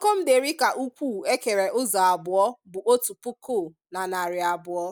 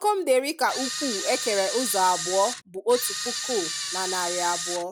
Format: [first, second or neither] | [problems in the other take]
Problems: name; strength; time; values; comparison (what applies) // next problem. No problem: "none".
first | background sound (Camera); 5 dB below the speech